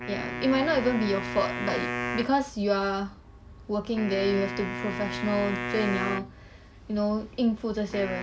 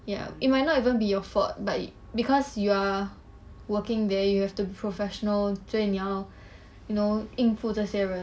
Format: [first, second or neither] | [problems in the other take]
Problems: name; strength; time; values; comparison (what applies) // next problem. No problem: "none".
second | background sound (Wind instrument, woodwind instrument); 7 dB below the speech